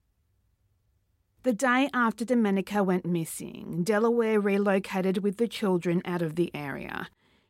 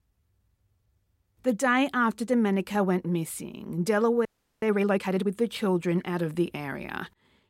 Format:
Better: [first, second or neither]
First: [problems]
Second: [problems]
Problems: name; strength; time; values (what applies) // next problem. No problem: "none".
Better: first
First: none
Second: audio freezing; at 4.5 s